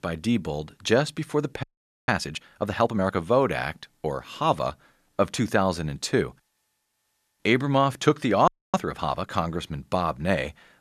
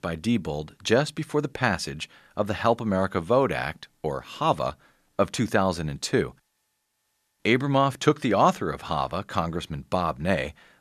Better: second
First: audio freezing; at 1.5 s and at 8.5 s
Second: none

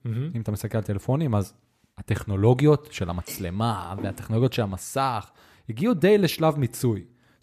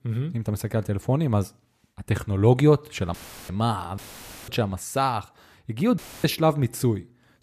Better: first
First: none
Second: audio cutting out; filled with static; at 3 s, at 4 s for 0.5 s and at 6 s

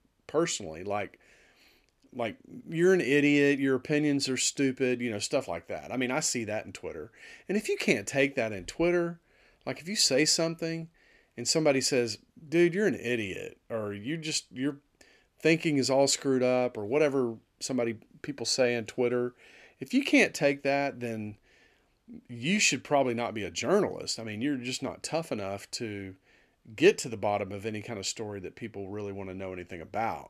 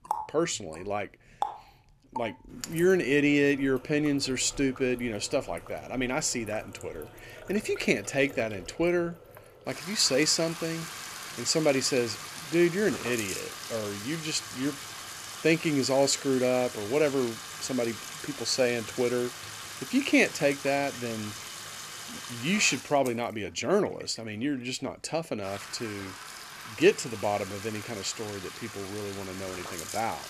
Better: first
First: none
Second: household noises; noticeable; throughout; 10 dB below the speech

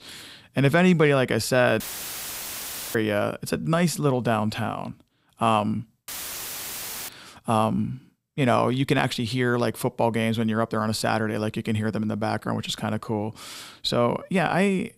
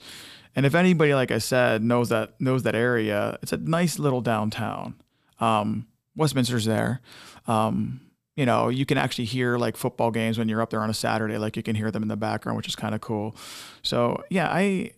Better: second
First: audio cutting out; filled with static; at 2 s for 1 s and at 6 s for 1 s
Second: none

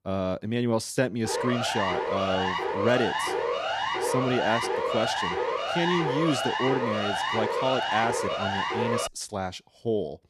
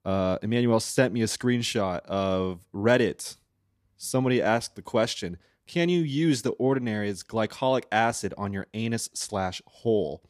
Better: second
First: siren; loud; from 1 to 9 s; peak 2 dB above the speech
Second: none

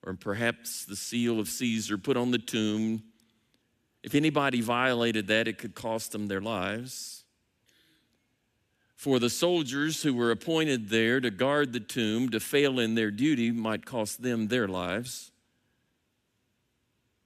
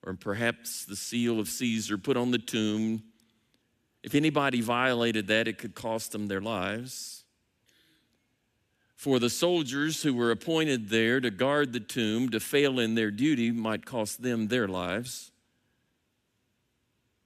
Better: neither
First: none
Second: none

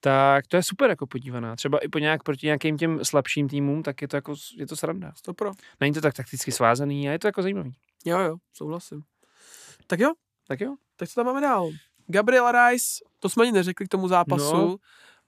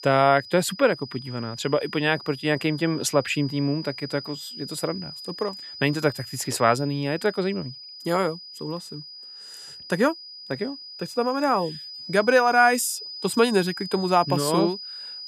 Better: first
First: none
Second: high-pitched whine; noticeable; throughout; 5 kHz, 15 dB below the speech

